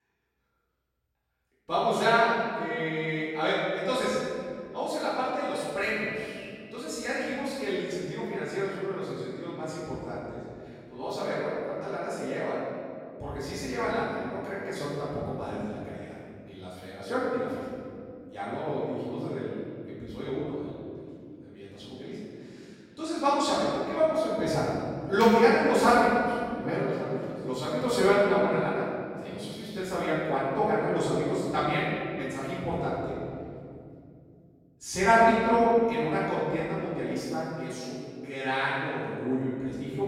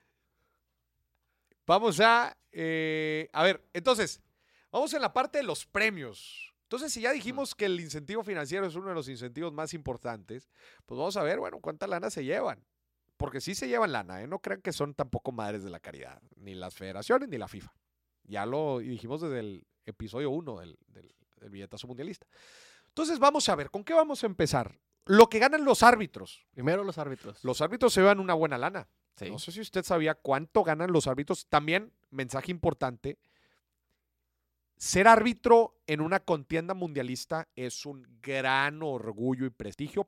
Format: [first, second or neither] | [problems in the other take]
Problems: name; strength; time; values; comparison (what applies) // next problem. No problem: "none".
second | off-mic speech; far // room echo; strong; dies away in 2.4 s